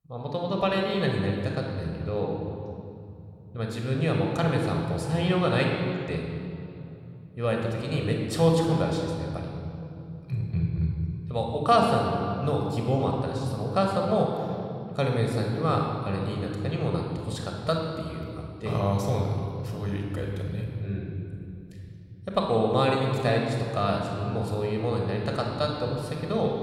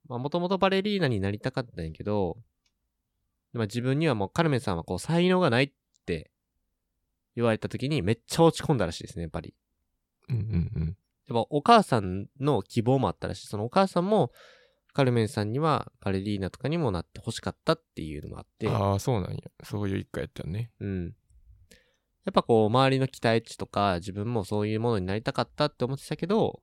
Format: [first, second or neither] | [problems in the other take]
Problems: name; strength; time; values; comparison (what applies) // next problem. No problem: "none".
second | room echo; noticeable; dies away in 2.4 s // off-mic speech; somewhat distant